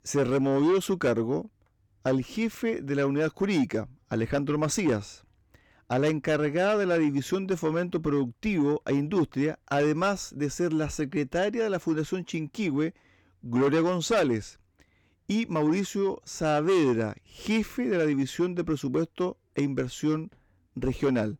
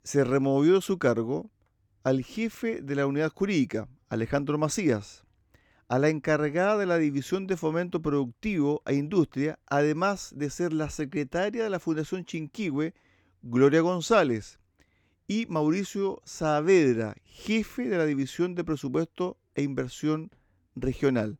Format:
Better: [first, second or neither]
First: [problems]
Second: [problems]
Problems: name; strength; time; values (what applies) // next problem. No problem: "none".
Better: second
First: distortion; slight; 10 dB below the speech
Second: none